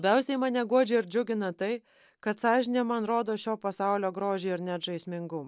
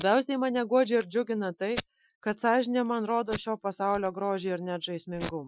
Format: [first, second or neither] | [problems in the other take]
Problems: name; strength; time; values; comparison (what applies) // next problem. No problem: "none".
first | noise reduction (classical method Wiener filter)